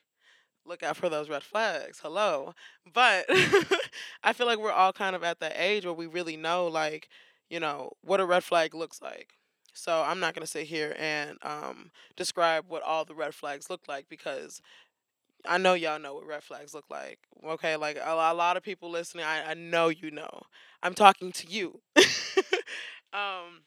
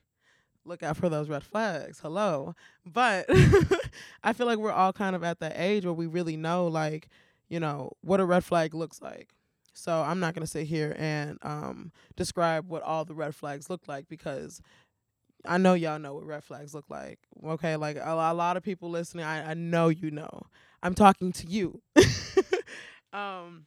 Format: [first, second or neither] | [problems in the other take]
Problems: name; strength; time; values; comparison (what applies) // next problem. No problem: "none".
second | thin; somewhat; fading below 400 Hz